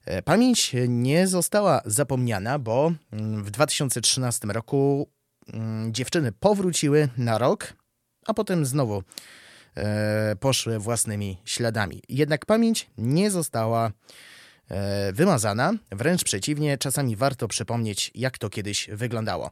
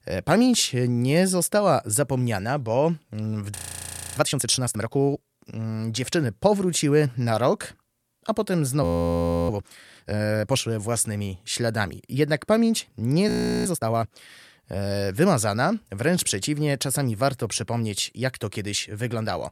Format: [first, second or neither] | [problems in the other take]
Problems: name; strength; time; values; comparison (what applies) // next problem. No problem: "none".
first | audio freezing; at 3.5 s for 0.5 s, at 9 s for 0.5 s and at 13 s